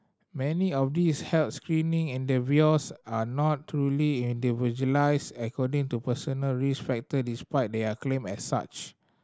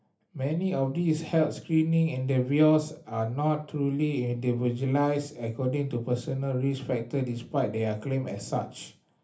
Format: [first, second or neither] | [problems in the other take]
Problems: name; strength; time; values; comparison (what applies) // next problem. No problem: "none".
first | room echo; dies away in 0.3 s